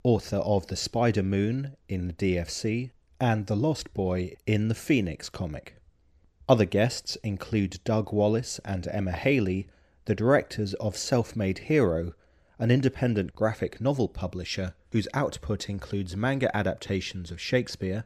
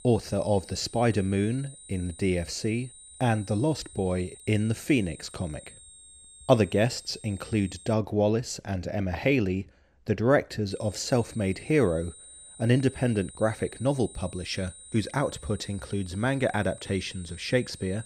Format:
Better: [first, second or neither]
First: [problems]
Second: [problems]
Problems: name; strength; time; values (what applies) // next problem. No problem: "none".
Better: first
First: none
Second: high-pitched whine; noticeable; until 8 s and from 11 s on; 8.5 kHz, 20 dB below the speech